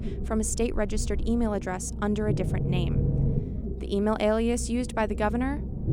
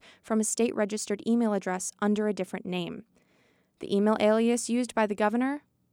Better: second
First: low rumble; noticeable; throughout; 10 dB below the speech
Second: none

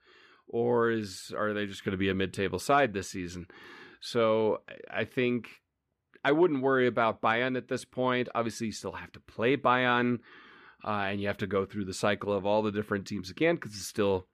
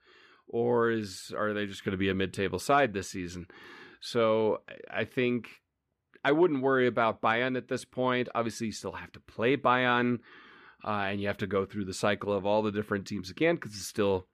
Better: neither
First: muffled; slightly; fading above 3.5 kHz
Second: muffled; slightly; fading above 3.5 kHz

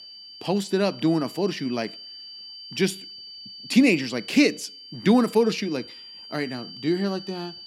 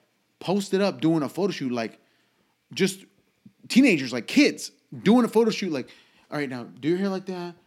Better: second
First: high-pitched whine; noticeable; throughout; 4.5 kHz, 15 dB below the speech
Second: none

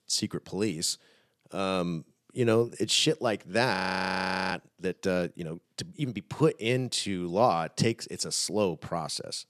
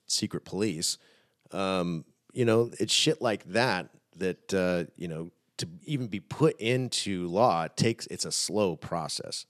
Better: second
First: audio freezing; at 4 s for 1 s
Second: none

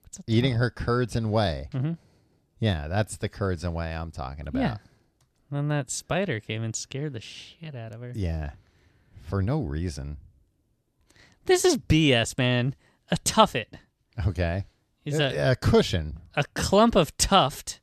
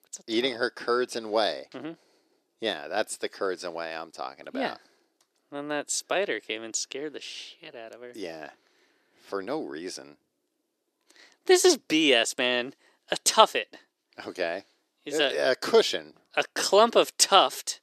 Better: first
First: none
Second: thin; somewhat; fading below 350 Hz

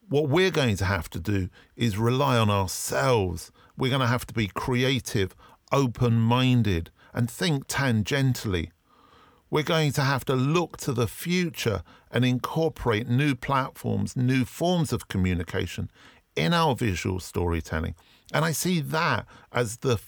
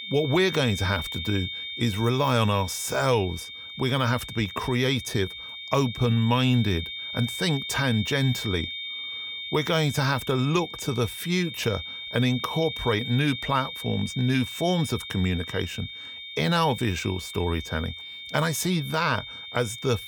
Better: first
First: none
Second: high-pitched whine; loud; throughout; 3.5 kHz, 8 dB below the speech

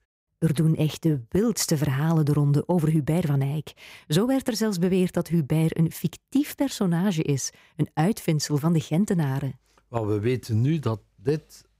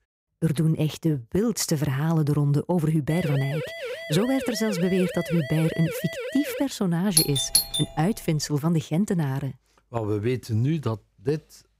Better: first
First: none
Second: siren; noticeable; from 3 to 6.5 s; peak 7 dB below the speech // doorbell; loud; at 7 s; peak 4 dB above the speech

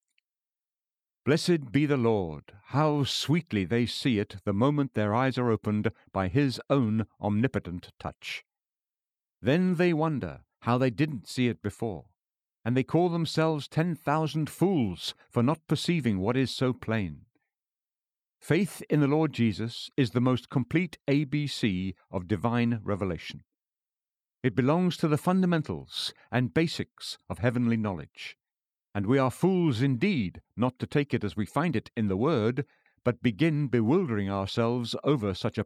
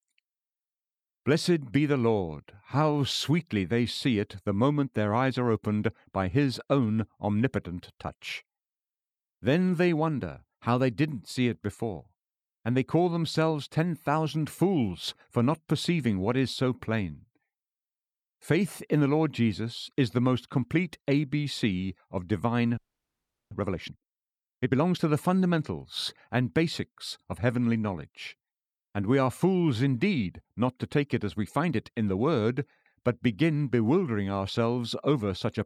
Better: first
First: none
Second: audio freezing; at 23 s for 0.5 s

